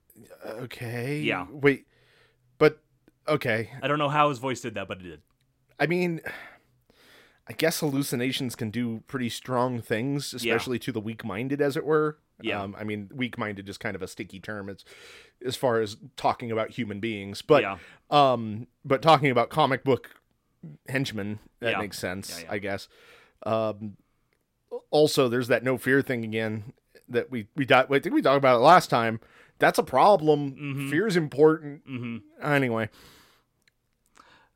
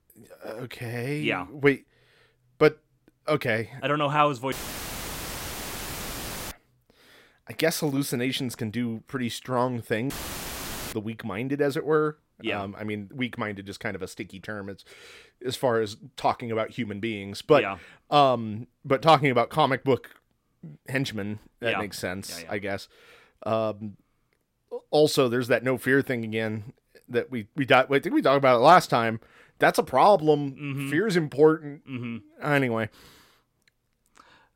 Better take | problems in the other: first | audio cutting out; filled with static; at 4.5 s for 2 s and at 10 s for 1 s

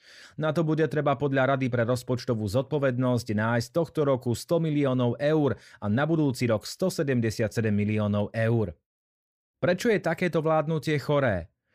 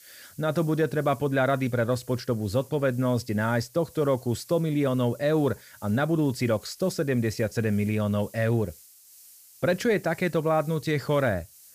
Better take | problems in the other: first | hiss; faint; throughout; 25 dB below the speech

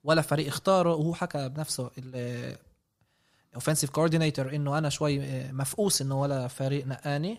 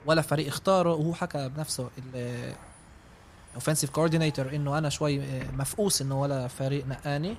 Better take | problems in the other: first | traffic noise; faint; throughout; 20 dB below the speech

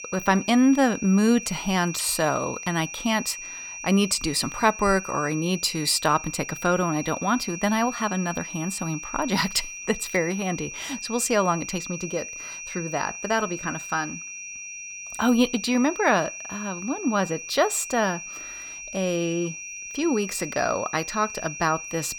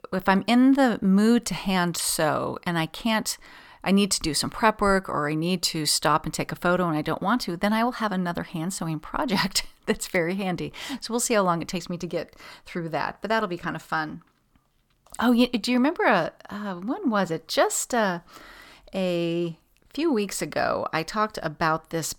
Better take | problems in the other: second | high-pitched whine; loud; throughout; 6 kHz, 10 dB below the speech

